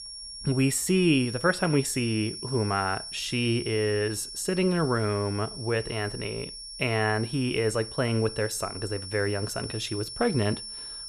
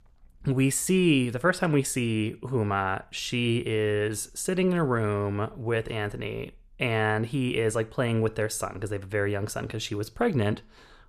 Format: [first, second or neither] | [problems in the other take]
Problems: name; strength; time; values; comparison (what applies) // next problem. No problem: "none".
second | high-pitched whine; loud; throughout; 5.5 kHz, 9 dB below the speech